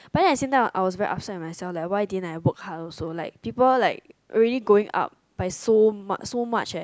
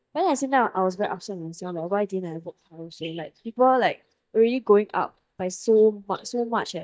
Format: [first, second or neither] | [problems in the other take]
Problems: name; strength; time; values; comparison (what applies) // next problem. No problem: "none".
first | noise reduction (neural mask model DeepFilterNet 3)